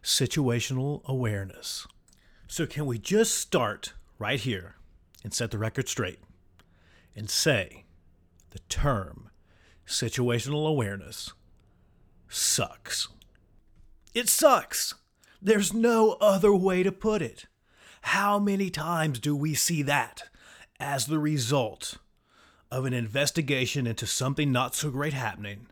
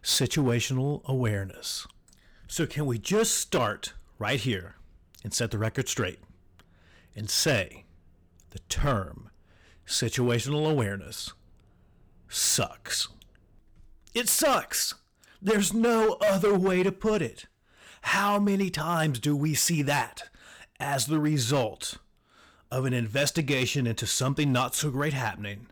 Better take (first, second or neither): first